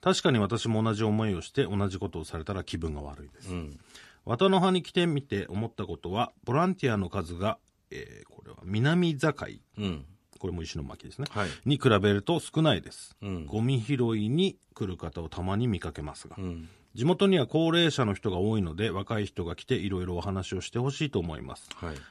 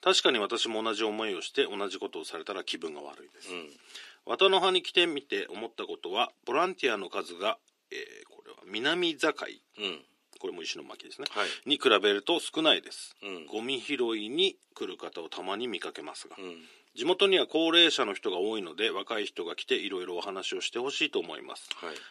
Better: first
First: none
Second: thin; somewhat; fading below 350 Hz

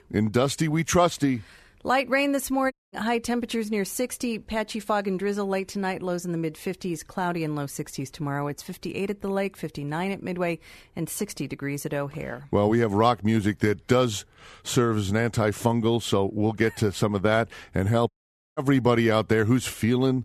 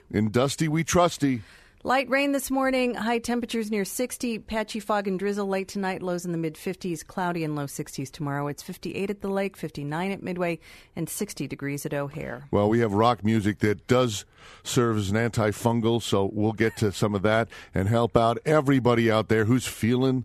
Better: second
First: audio cutting out; at 2.5 s and at 18 s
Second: none

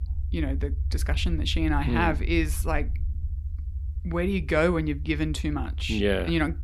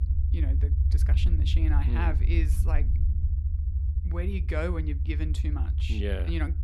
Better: first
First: low rumble; faint; throughout; 20 dB below the speech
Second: low rumble; loud; throughout; 7 dB below the speech

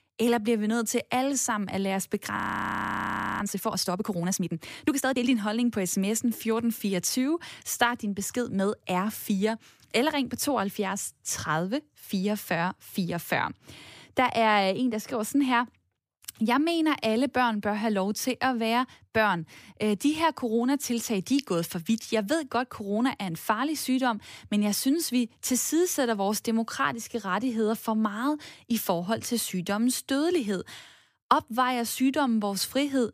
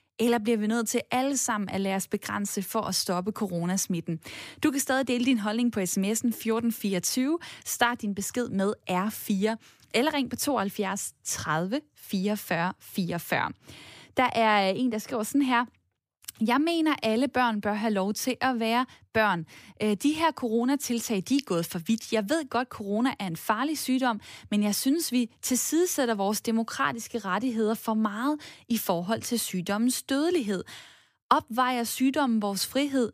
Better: second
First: audio freezing; at 2.5 s for 1 s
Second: none

